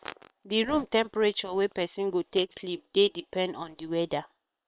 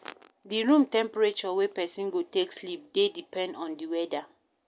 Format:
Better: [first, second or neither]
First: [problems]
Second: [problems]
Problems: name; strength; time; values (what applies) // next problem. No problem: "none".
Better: second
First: noise reduction (neural separator model SepFormer WHAM!)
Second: none